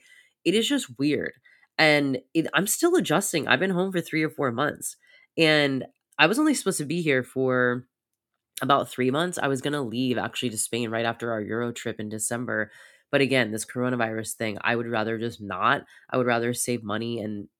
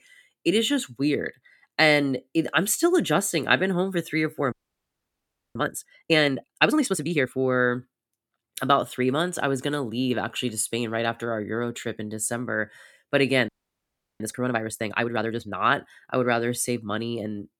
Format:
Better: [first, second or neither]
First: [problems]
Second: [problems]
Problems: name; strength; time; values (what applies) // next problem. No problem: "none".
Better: first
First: none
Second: audio freezing; at 4.5 s for 1 s and at 13 s for 0.5 s